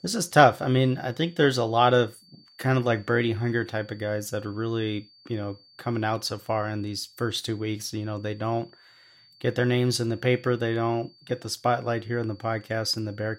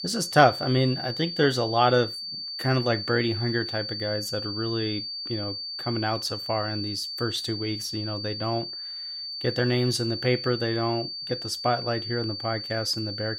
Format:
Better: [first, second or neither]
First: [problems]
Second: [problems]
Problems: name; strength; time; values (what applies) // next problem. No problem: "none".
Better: first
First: high-pitched whine; faint; throughout; 4.5 kHz, 30 dB below the speech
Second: high-pitched whine; loud; throughout; 4.5 kHz, 5 dB below the speech